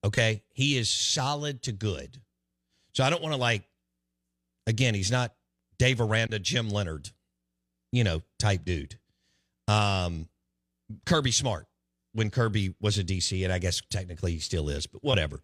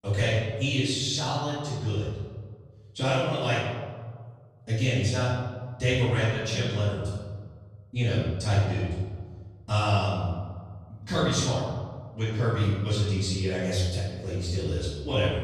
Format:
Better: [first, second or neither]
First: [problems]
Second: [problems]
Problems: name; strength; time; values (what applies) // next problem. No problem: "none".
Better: first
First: none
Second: off-mic speech; far // room echo; strong; dies away in 1.6 s